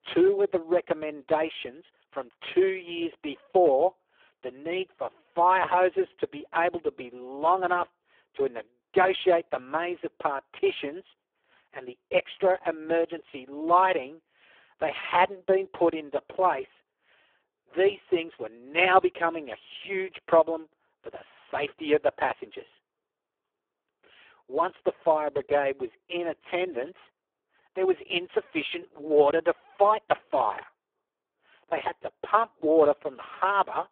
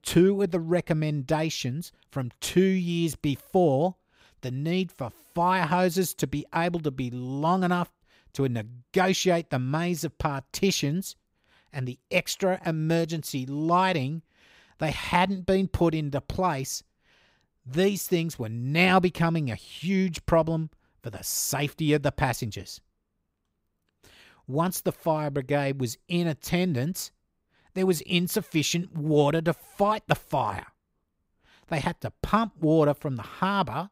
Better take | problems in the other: second | phone-call audio; poor line

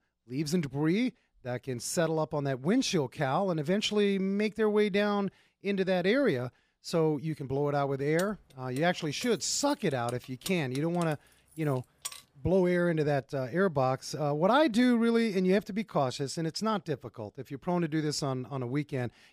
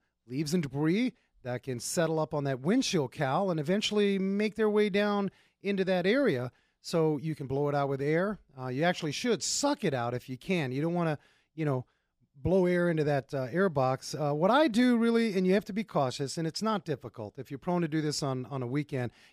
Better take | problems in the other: second | jangling keys; faint; from 8 to 12 s; peak 10 dB below the speech

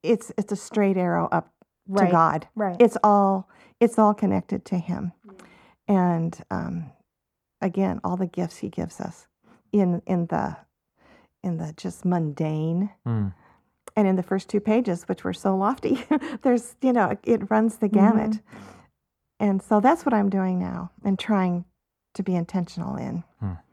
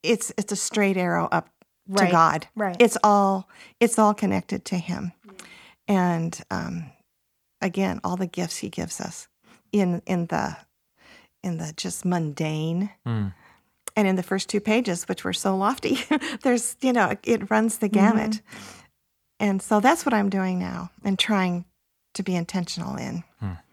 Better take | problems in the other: second | muffled; slightly; fading above 1.5 kHz

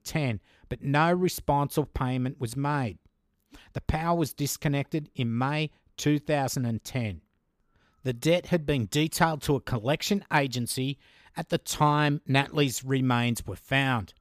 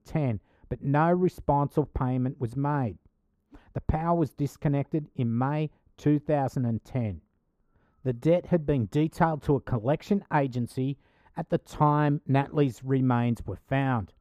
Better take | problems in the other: first | muffled; very; fading above 2 kHz

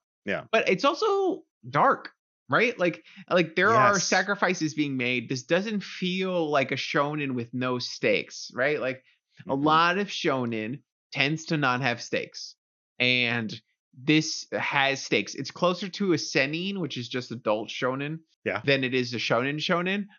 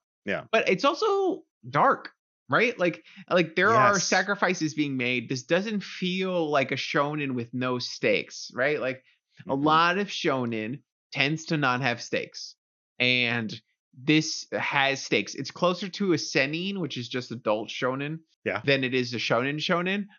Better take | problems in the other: neither | garbled, watery; slightly; nothing above 6.5 kHz; the same in both

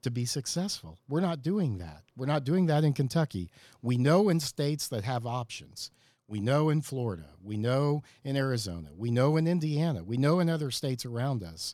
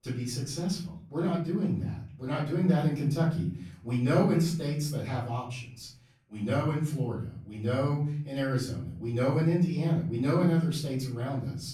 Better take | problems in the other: first | room echo; noticeable; dies away in 0.6 s // off-mic speech; far

